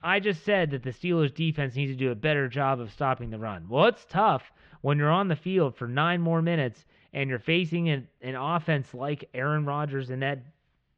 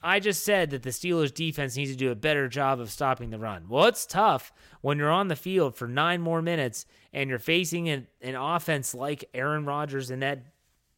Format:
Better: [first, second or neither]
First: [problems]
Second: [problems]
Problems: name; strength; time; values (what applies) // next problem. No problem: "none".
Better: second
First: muffled; very; fading above 3.5 kHz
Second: none